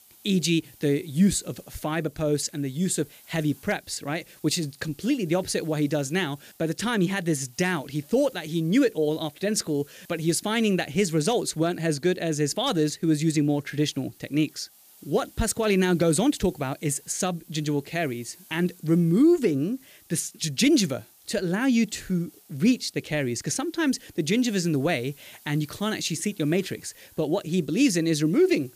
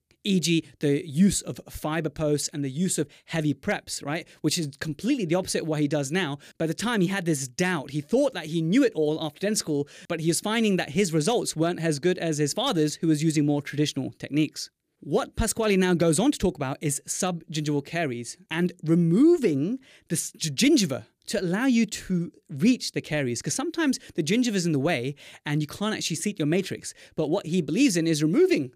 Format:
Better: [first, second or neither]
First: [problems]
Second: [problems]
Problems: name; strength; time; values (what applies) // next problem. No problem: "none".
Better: second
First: hiss; faint; throughout; 25 dB below the speech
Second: none